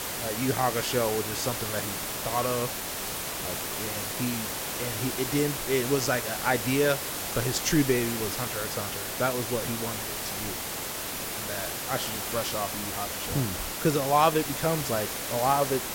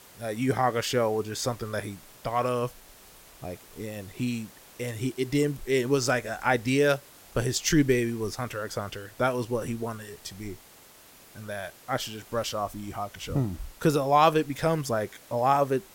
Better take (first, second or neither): second